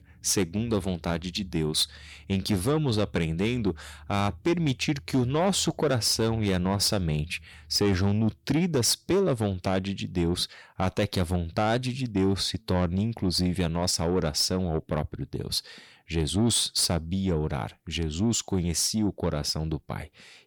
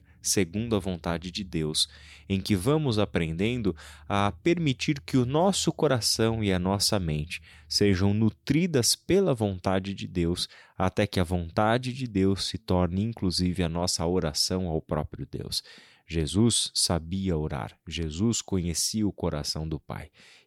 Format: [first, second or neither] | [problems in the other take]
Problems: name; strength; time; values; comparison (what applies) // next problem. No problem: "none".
second | distortion; slight; 10 dB below the speech